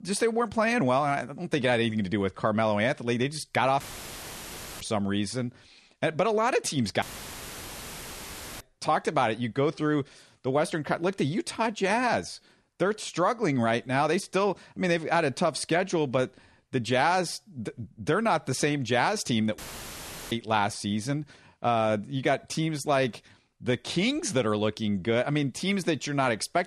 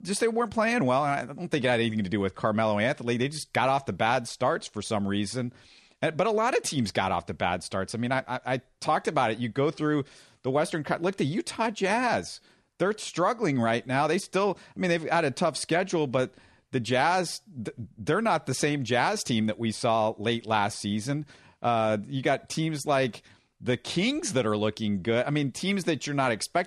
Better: second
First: audio cutting out; filled with static; at 4 s for 1 s, at 7 s for 1.5 s and at 20 s for 0.5 s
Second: none

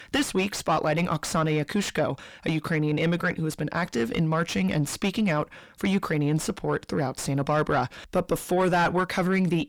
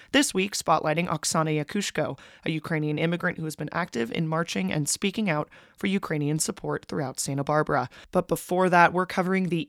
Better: second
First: distortion; heavy; 7 dB below the speech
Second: none

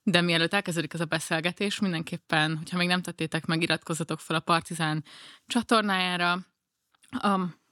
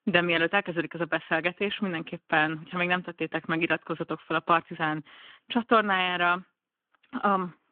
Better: first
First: none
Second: phone-call audio

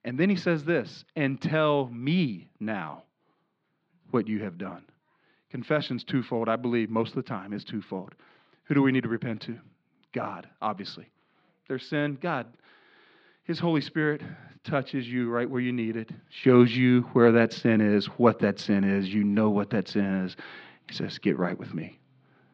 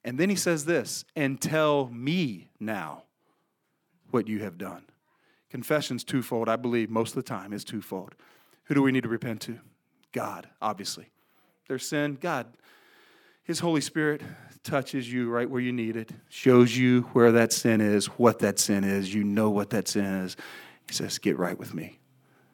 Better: second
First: muffled; slightly; fading above 4 kHz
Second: none

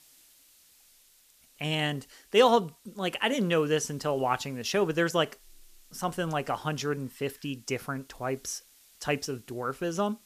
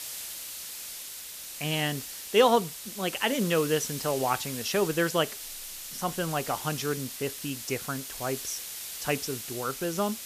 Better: first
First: hiss; faint; throughout; 25 dB below the speech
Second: hiss; loud; throughout; 7 dB below the speech

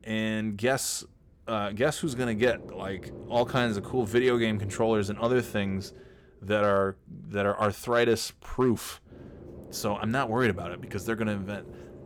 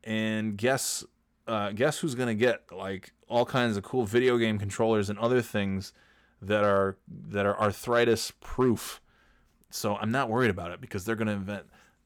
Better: second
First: low rumble; noticeable; throughout; 20 dB below the speech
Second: none

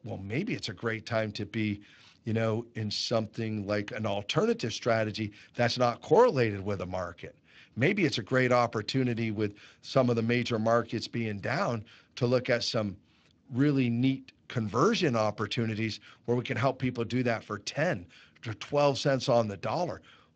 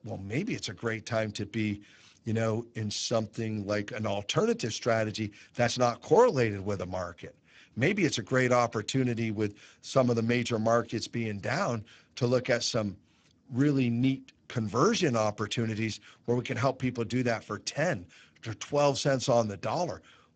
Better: first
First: garbled, watery; slightly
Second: garbled, watery; badly; nothing above 7.5 kHz

